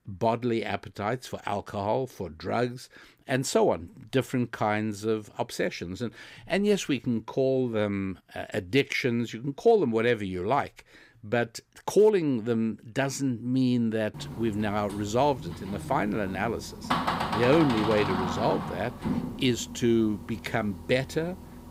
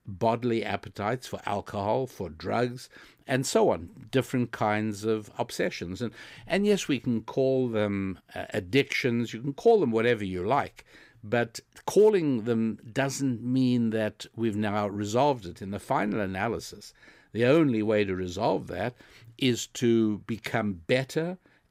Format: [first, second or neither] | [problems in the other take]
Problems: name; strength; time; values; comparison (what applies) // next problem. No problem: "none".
second | door banging; loud; from 14 to 20 s; peak 1 dB above the speech